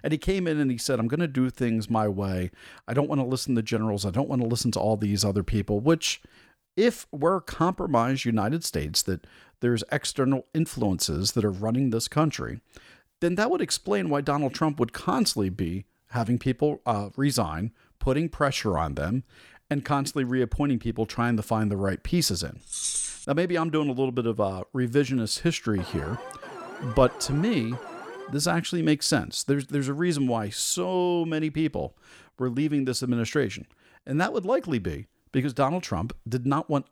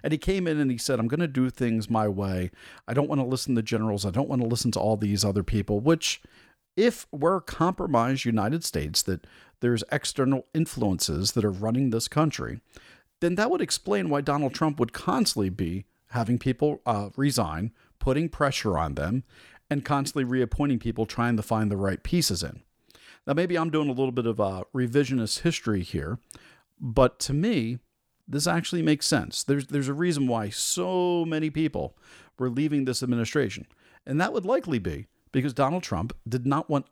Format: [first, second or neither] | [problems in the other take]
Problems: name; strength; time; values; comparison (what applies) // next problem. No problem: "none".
second | jangling keys; noticeable; at 23 s; peak level with the speech // alarm; faint; from 26 to 28 s; peak 15 dB below the speech